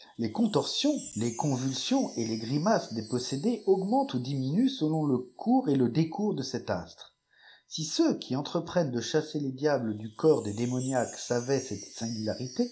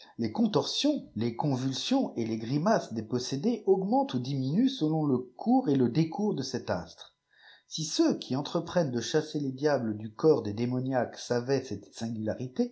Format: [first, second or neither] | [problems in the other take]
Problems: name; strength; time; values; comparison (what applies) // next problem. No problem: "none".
second | background sound (Wind chime); 20 dB below the speech